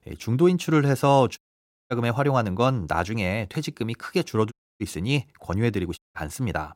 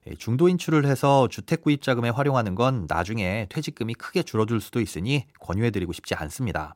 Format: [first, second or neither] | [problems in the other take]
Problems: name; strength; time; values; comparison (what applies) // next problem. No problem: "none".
second | audio cutting out; at 1.5 s for 0.5 s, at 4.5 s and at 6 s